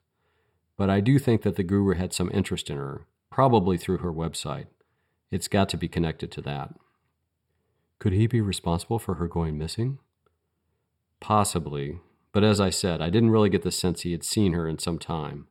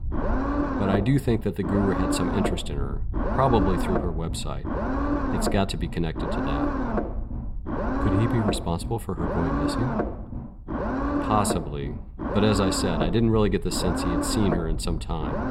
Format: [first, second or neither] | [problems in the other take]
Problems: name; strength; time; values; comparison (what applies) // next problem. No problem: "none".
first | low rumble; loud; throughout; 1 dB below the speech